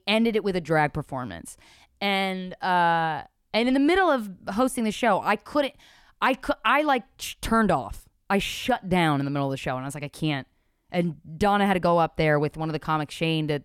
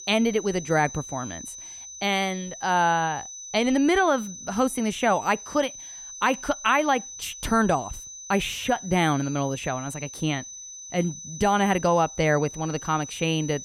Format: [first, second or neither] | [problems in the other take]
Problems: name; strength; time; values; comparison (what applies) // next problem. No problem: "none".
first | high-pitched whine; noticeable; throughout; 6 kHz, 10 dB below the speech